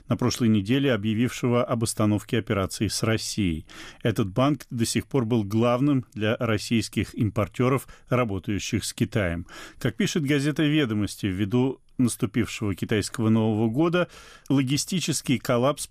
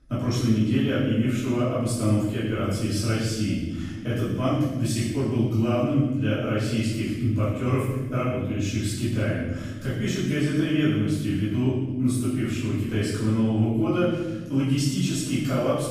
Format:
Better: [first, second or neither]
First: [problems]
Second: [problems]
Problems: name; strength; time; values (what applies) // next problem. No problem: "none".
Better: first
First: none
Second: off-mic speech; far // room echo; strong; dies away in 1.3 s